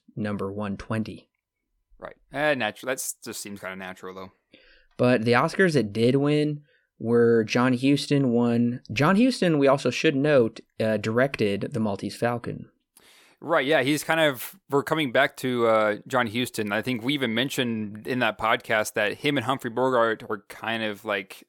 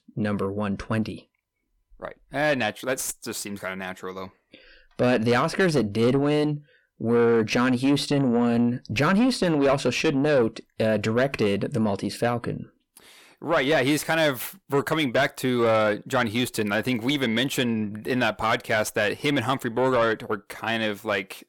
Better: first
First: none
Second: distortion; slight; 10 dB below the speech

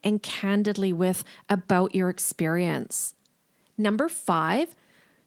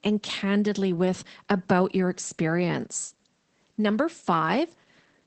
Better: first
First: garbled, watery; slightly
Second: garbled, watery; badly; nothing above 8 kHz

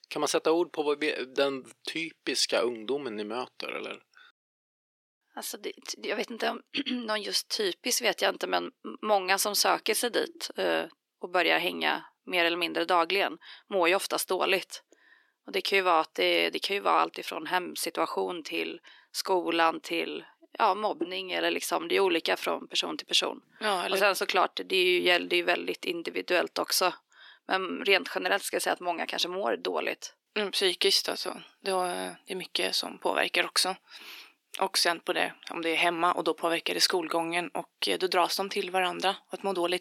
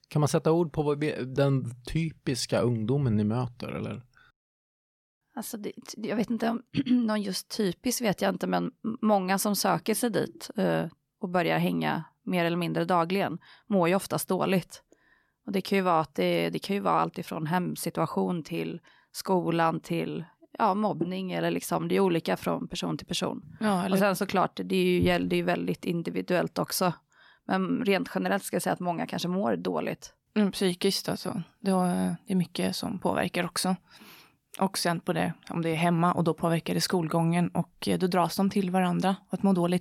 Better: second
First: thin; very; fading below 350 Hz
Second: none

